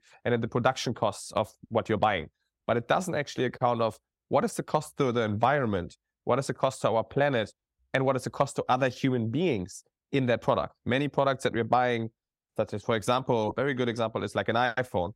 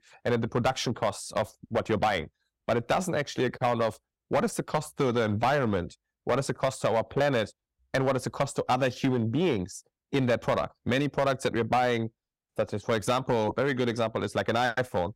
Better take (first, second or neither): first